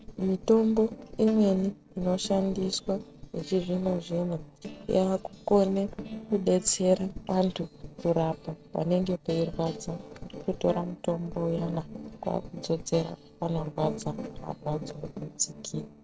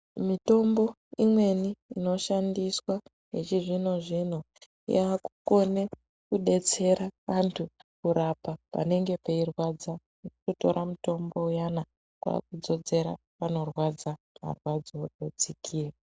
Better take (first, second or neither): second